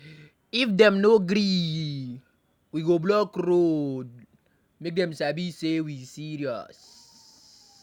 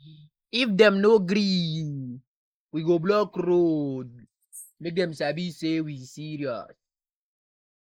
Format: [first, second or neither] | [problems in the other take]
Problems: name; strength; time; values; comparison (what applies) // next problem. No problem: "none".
first | noise reduction (neural mask model Resemble Enhance denoiser)